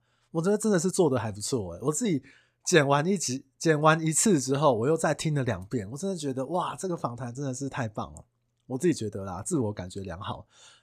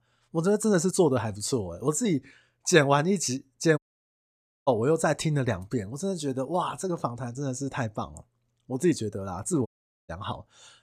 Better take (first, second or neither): first